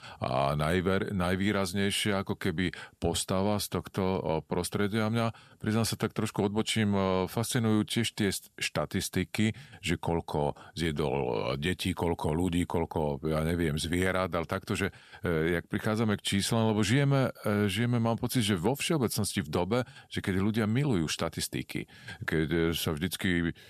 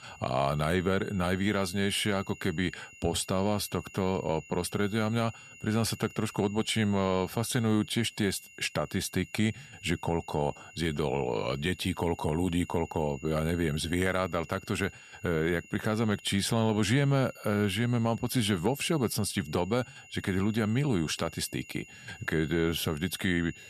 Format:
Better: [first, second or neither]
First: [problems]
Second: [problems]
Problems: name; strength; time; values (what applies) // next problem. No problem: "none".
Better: first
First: none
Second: high-pitched whine; noticeable; throughout; 3 kHz, 20 dB below the speech